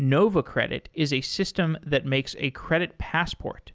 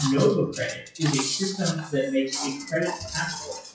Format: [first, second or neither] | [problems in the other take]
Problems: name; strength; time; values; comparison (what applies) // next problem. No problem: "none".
first | noise reduction (classical method WPE with log-MMSE)